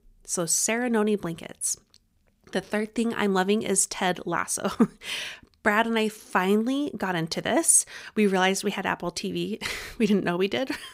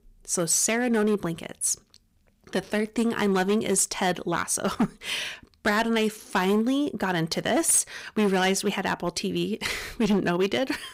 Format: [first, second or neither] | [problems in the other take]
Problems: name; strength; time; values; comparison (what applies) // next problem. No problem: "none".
first | distortion; slight; 6% of the sound clipped